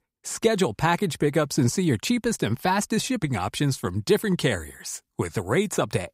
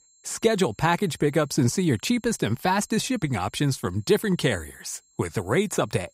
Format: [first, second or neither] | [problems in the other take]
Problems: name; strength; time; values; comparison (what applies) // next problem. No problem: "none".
first | high-pitched whine; faint; throughout; 7.5 kHz, 35 dB below the speech